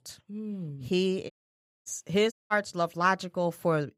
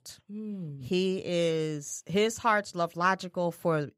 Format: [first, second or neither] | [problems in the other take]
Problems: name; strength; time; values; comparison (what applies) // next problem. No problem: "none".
second | audio cutting out; at 1.5 s for 0.5 s and at 2.5 s